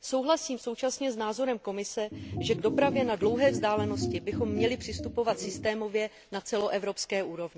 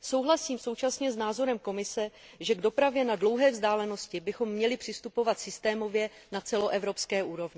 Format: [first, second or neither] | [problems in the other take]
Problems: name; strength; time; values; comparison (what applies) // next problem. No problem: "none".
second | background sound (Organ); 4 dB below the speech